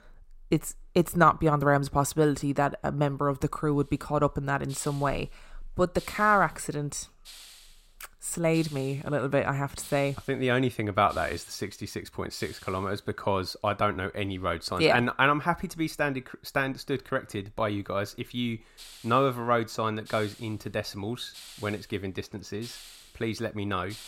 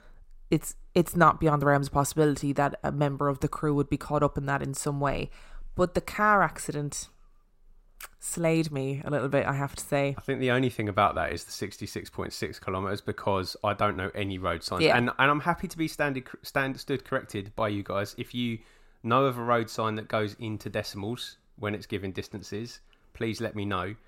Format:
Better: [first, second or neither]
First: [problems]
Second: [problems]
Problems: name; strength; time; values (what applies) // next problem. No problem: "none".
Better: second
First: hiss; noticeable; from 4 to 14 s and from 19 s on; 20 dB below the speech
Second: none